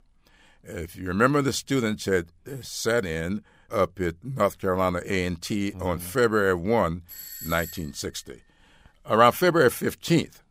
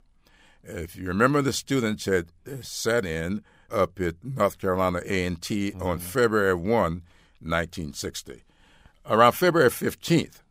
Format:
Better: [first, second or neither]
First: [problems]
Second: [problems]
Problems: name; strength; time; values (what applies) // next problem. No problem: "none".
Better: second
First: doorbell; faint; at 7 s; peak 10 dB below the speech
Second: none